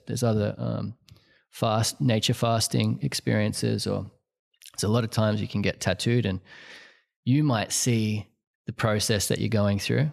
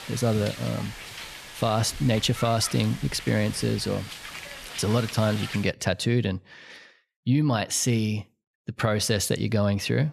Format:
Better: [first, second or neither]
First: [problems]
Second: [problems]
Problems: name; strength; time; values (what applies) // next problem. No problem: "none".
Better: first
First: none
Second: hiss; noticeable; until 5.5 s; 10 dB below the speech